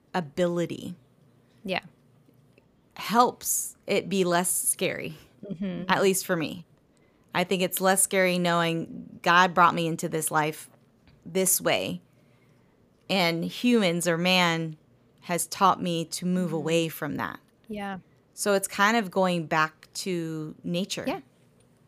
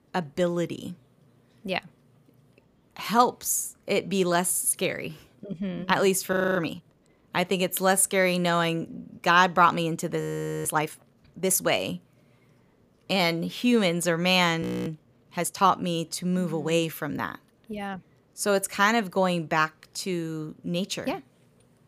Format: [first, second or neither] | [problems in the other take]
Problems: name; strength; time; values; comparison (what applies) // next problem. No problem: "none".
first | audio freezing; at 6.5 s, at 10 s and at 15 s